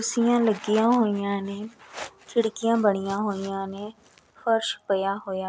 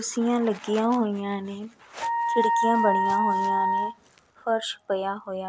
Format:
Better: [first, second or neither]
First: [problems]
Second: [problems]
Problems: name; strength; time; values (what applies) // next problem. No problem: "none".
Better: first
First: none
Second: background sound (Wind instrument, woodwind instrument); 1 dB above the speech